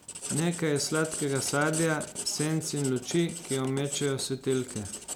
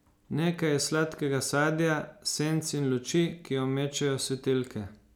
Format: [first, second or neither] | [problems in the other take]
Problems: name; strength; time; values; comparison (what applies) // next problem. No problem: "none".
second | background sound (Writing); 9 dB below the speech